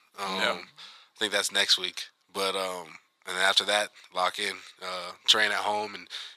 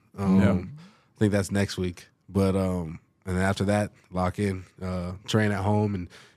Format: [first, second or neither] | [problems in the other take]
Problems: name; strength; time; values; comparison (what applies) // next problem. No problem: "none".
second | thin; very; fading below 900 Hz